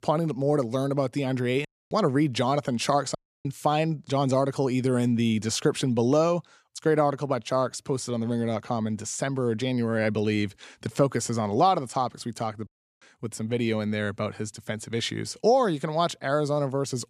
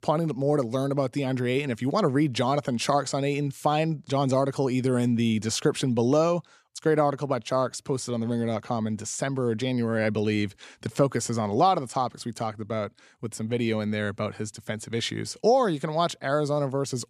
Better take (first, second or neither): second